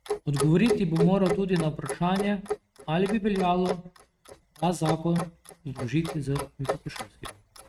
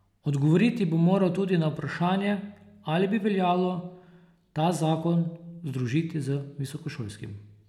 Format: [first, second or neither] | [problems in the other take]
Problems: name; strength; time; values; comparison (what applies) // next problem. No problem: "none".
second | noise reduction (neural mask model RNNoise)